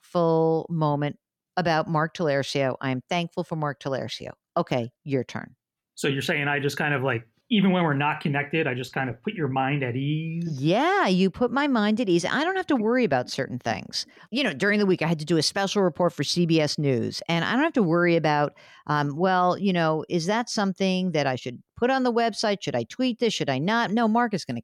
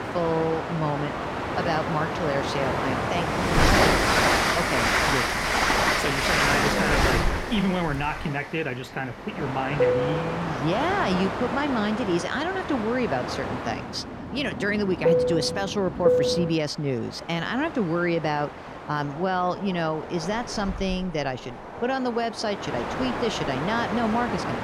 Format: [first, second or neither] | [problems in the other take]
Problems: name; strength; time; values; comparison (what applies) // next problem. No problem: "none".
first | train or aircraft noise; very loud; throughout; 2 dB above the speech